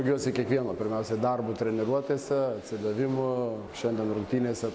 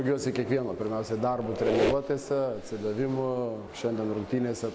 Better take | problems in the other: first | background sound (Squeak); 5 dB below the speech

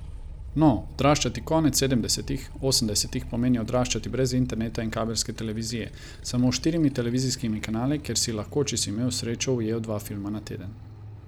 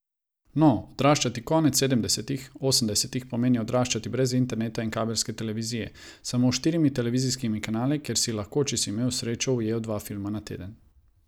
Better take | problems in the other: second | background sound (Motorcycle); 13 dB below the speech

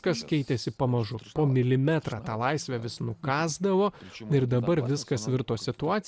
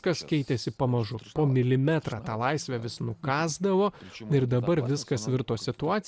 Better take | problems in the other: second | background sound (Brass instrument); 19 dB below the speech

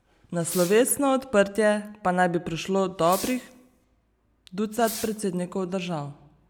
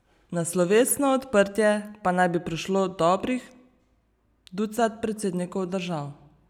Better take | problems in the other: second | background sound (Fireworks); 15 dB below the speech

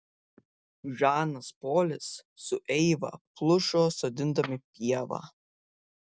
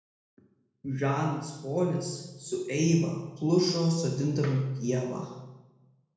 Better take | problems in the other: first | room echo; dies away in 1 s

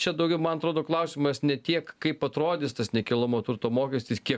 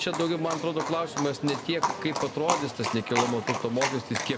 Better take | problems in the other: first | background sound (Livestock, farm animals, working animals); 3 dB below the speech

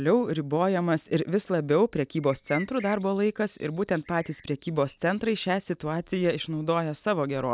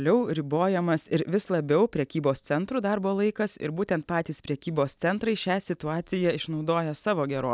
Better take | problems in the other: second | background sound (Bird); 19 dB below the speech

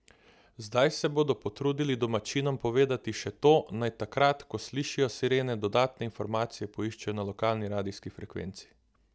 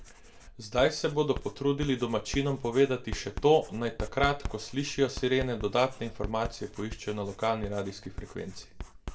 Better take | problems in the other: first | background sound (Writing); 11 dB below the speech // room echo; dies away in 0.4 s

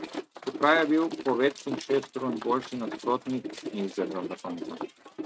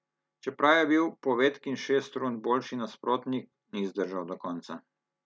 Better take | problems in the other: second | noise reduction (neural mask model RNNoise)

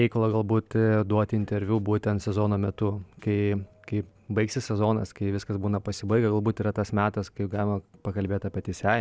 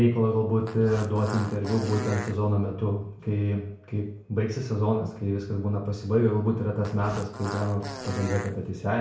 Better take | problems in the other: first | background sound (Fart); 12 dB below the speech // room echo; dies away in 0.6 s

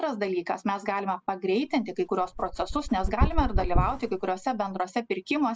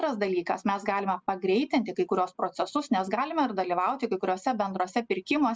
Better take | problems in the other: second | background sound (Dog); 1 dB below the speech

